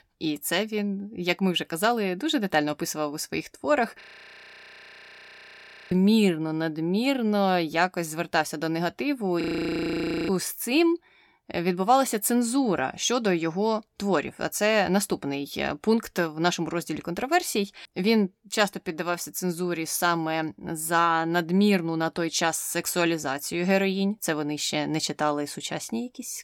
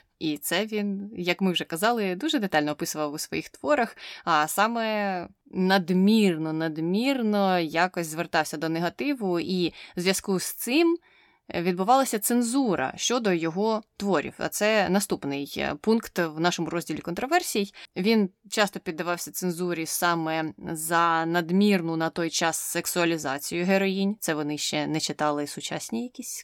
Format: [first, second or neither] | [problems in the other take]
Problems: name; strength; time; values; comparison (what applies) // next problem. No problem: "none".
second | audio freezing; at 4 s for 2 s and at 9.5 s for 1 s